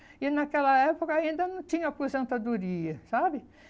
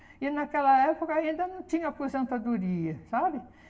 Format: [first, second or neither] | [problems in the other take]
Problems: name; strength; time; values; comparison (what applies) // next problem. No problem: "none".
first | room echo; dies away in 0.8 s